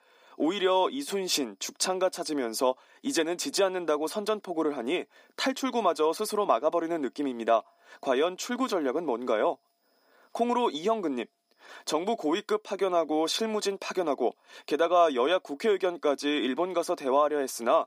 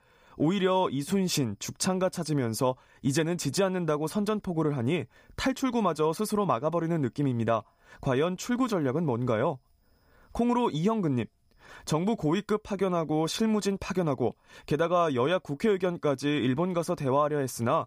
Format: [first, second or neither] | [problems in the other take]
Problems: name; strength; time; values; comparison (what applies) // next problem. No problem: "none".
second | thin; somewhat; fading below 250 Hz